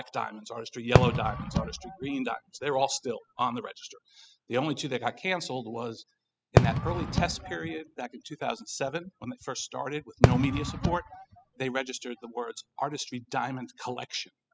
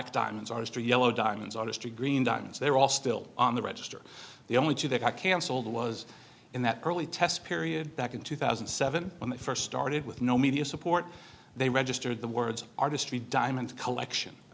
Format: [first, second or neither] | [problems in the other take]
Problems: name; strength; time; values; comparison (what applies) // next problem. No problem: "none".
second | noise reduction (classical method spectral subtraction)